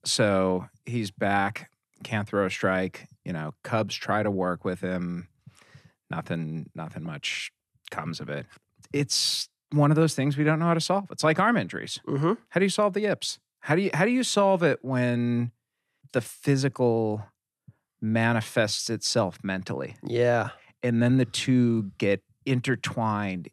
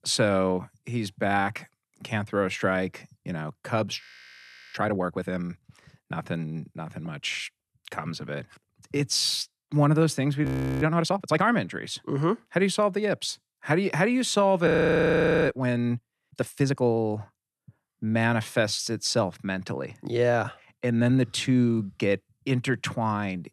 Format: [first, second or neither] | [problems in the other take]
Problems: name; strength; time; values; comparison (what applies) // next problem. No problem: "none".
first | audio freezing; at 4 s for 0.5 s, at 10 s and at 15 s for 1 s